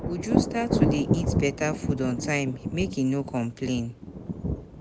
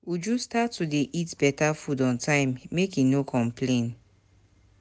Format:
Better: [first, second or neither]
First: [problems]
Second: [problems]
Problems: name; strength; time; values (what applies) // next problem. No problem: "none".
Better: second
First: background sound (Thunder); 1 dB above the speech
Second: none